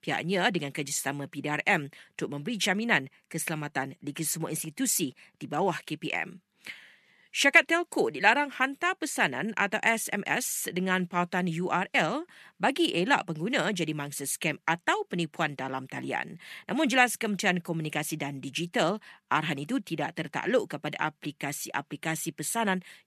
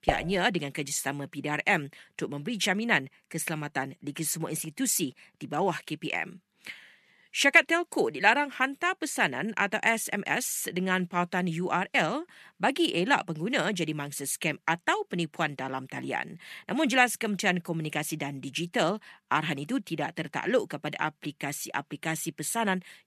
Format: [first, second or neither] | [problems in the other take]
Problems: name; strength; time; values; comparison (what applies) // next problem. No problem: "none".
first | clattering dishes; noticeable; at the start; peak 3 dB below the speech